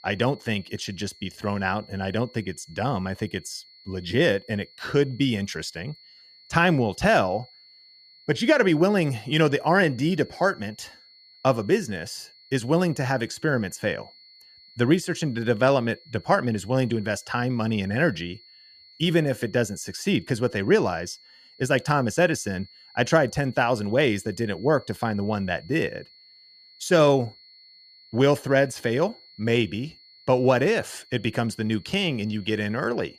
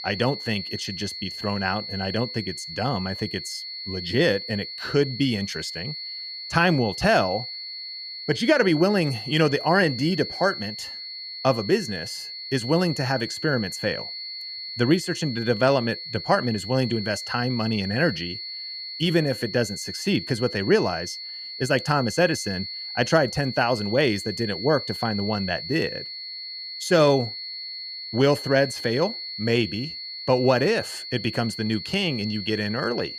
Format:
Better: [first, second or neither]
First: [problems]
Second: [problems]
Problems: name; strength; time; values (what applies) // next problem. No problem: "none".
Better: first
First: high-pitched whine; faint; throughout; 4.5 kHz, 25 dB below the speech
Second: high-pitched whine; loud; throughout; 4.5 kHz, 8 dB below the speech